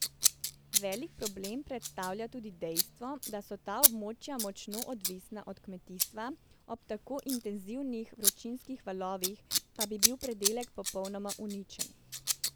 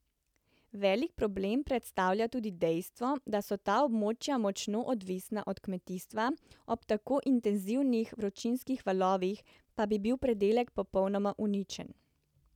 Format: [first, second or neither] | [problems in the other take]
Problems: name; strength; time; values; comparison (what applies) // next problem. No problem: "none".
second | background sound (Scissors); 4 dB above the speech